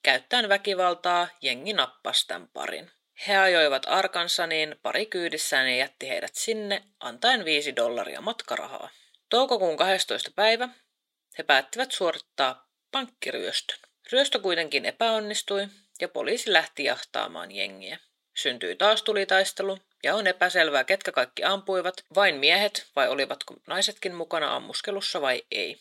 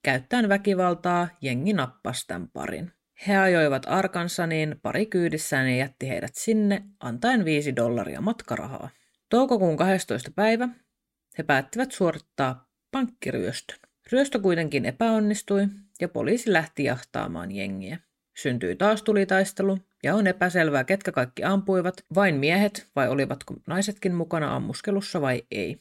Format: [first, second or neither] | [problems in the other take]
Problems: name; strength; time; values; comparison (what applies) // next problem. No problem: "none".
second | thin; very; fading below 550 Hz